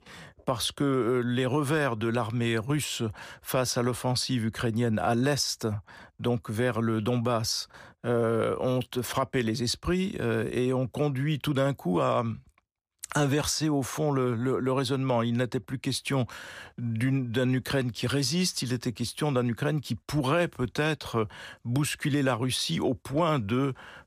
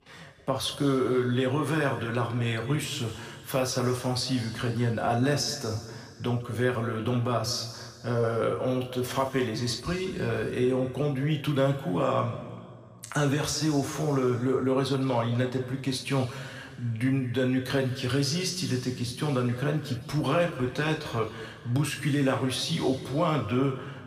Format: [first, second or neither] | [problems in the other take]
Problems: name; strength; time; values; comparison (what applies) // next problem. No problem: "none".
first | room echo; noticeable; dies away in 1.9 s // off-mic speech; somewhat distant